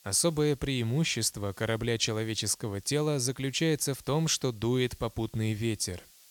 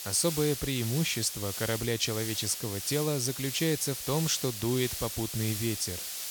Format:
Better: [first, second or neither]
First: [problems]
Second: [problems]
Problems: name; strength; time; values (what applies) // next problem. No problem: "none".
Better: first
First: hiss; faint; throughout; 25 dB below the speech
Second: hiss; loud; throughout; 4 dB below the speech